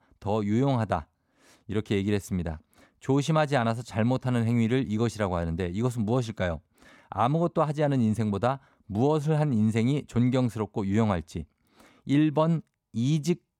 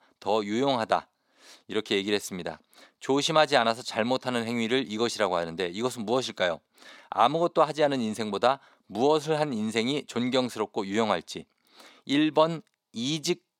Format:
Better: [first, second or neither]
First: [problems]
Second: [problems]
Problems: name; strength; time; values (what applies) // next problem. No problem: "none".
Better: first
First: none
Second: thin; somewhat; fading below 350 Hz